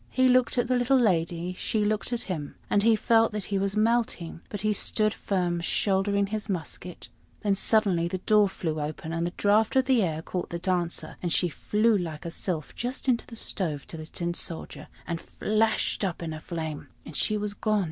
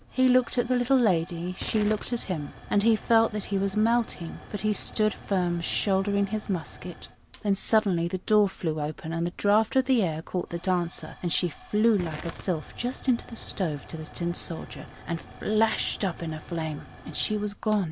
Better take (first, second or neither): first